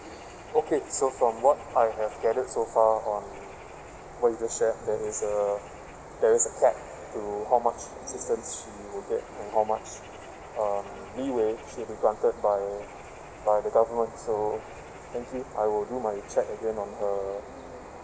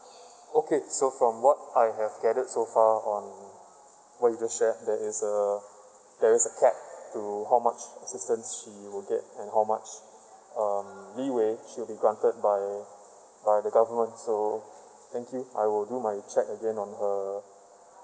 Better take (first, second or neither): second